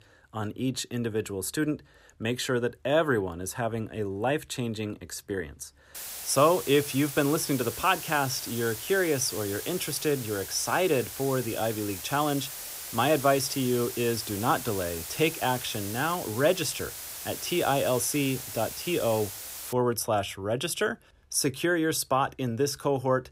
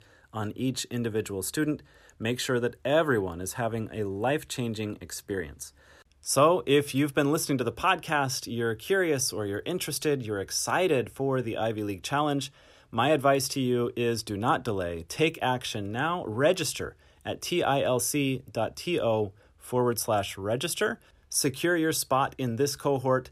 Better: second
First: hiss; loud; from 6 to 20 s; 8 dB below the speech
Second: none

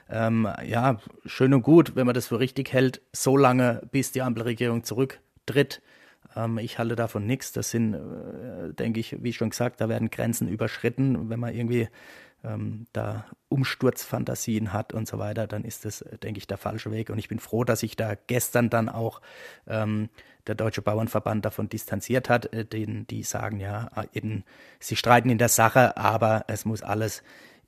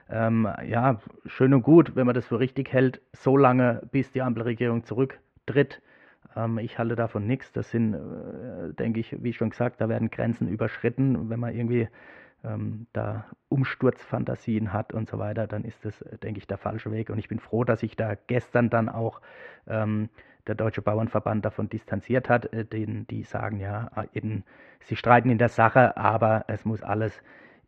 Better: first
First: none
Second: muffled; very; fading above 2.5 kHz

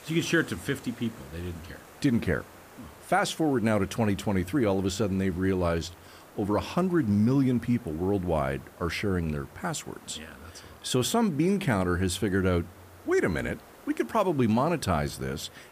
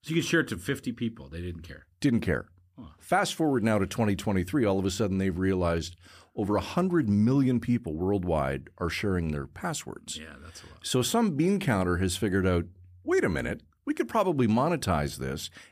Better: second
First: hiss; faint; throughout; 25 dB below the speech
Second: none

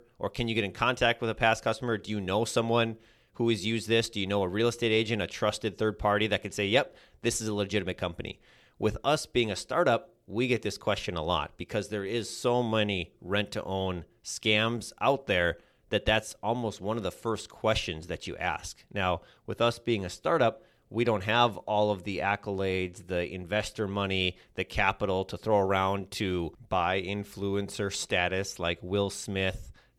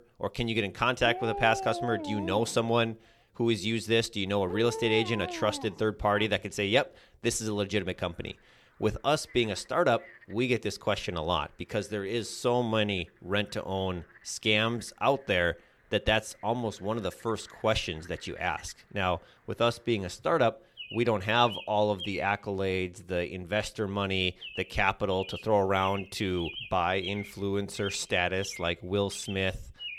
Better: first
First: none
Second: animal sounds; noticeable; throughout; 10 dB below the speech

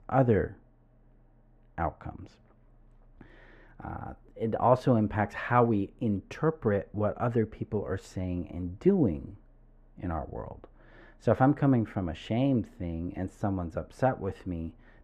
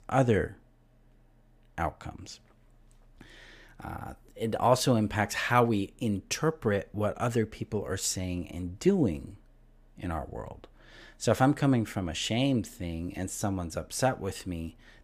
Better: second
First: muffled; very; fading above 3 kHz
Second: none

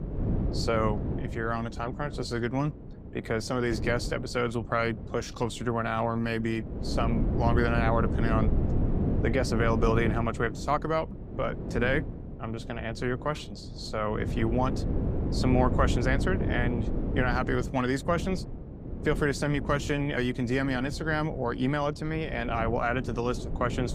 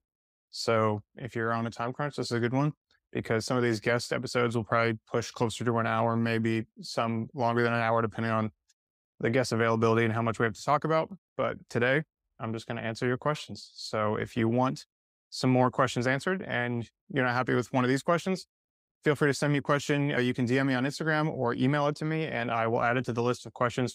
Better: second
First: wind noise on the microphone; occasional gusts; 10 dB below the speech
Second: none

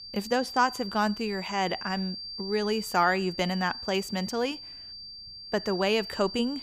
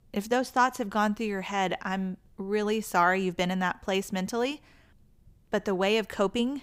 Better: second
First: high-pitched whine; loud; throughout; 4.5 kHz, 10 dB below the speech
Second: none

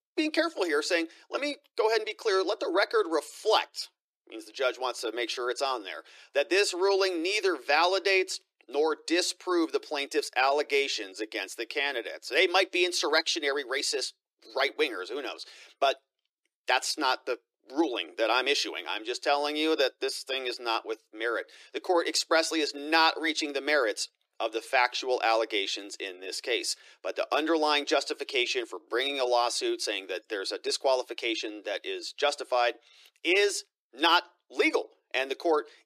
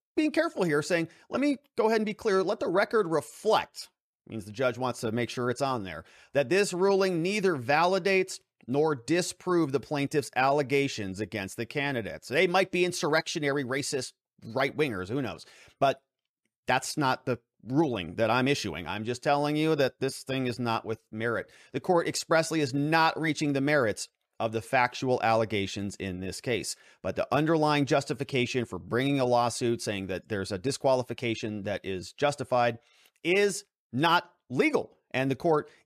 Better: second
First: thin; very; fading below 300 Hz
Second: none

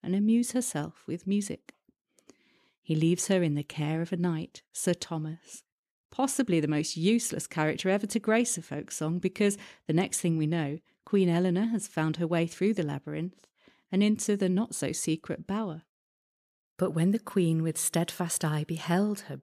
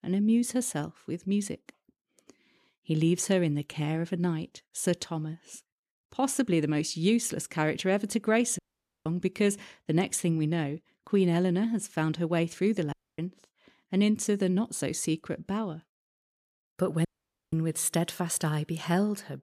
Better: first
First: none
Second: audio cutting out; at 8.5 s, at 13 s and at 17 s

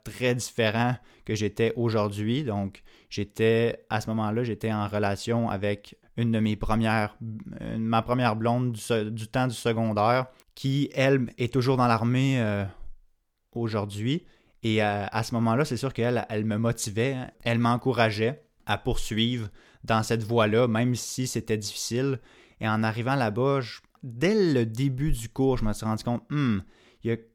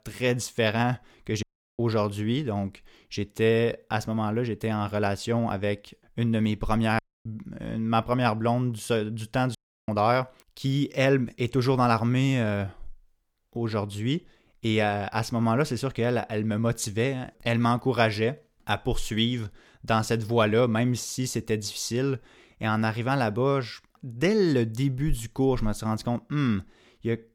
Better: first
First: none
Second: audio cutting out; at 1.5 s, at 7 s and at 9.5 s

